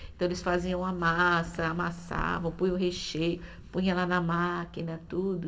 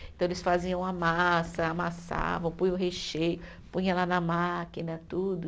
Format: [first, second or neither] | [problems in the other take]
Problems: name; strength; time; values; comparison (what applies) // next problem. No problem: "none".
second | room echo; dies away in 1.5 s